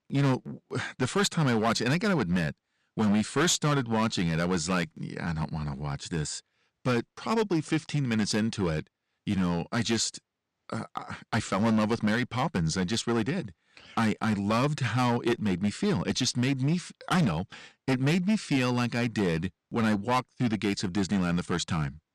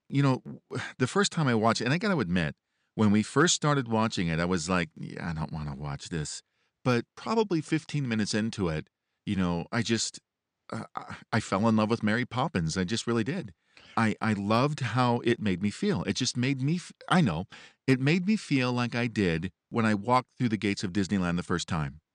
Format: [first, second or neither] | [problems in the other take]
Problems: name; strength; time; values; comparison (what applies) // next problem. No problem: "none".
second | distortion; slight; 8% of the sound clipped